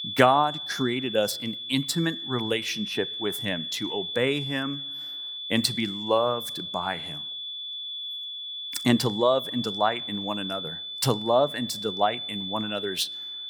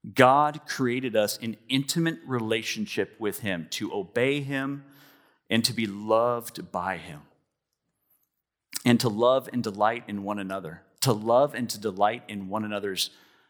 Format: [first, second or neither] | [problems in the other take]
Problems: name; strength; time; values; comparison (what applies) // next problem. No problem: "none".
second | high-pitched whine; loud; throughout; 3.5 kHz, 5 dB below the speech